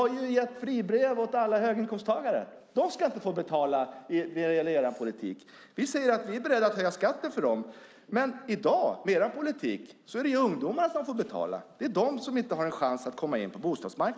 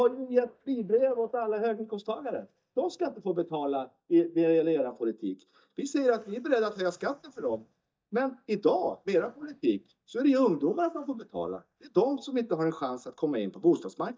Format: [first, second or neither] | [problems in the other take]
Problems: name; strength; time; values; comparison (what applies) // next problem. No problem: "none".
first | noise reduction (neural mask model DeepFilterNet 3)